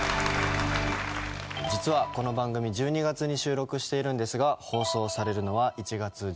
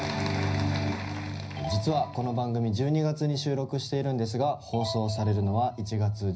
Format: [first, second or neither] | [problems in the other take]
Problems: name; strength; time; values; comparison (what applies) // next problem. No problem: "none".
first | room echo; dies away in 0.5 s